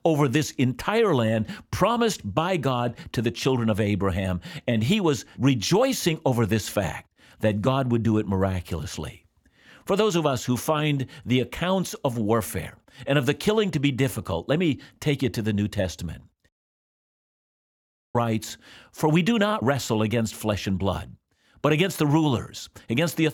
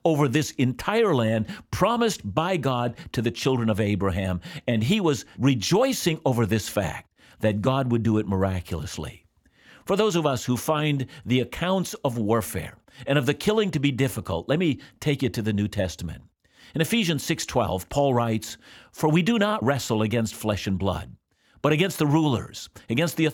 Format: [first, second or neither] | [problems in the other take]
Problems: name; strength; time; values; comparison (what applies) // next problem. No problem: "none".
second | audio cutting out; at 16 s for 1.5 s